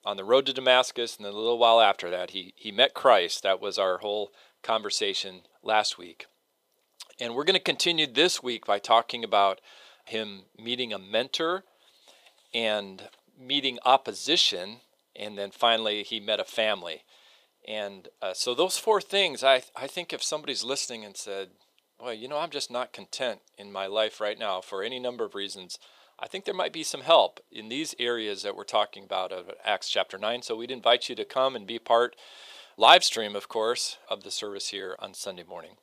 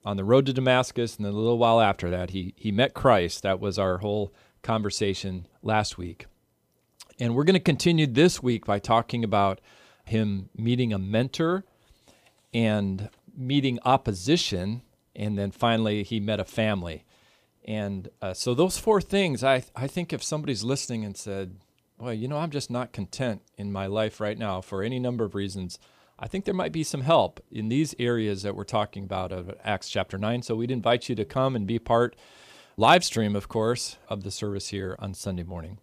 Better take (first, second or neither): second